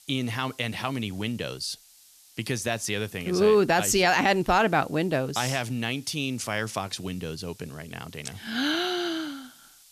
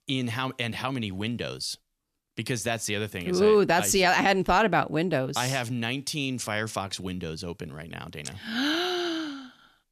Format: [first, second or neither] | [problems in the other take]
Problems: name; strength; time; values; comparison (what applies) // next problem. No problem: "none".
second | hiss; faint; throughout; 25 dB below the speech